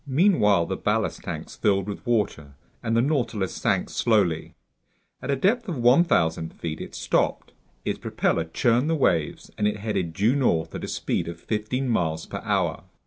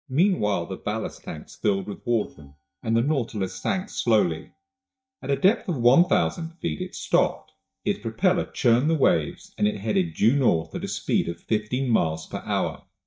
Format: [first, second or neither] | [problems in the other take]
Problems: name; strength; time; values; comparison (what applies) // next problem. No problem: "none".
first | noise reduction (neural mask model DeepFilterNet 3)